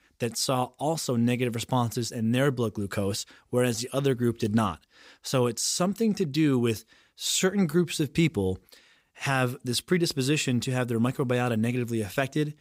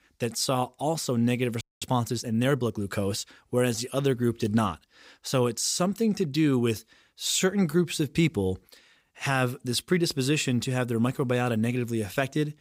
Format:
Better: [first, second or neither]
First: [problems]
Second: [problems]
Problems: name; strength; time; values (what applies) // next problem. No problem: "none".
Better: first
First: none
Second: audio freezing; at 1.5 s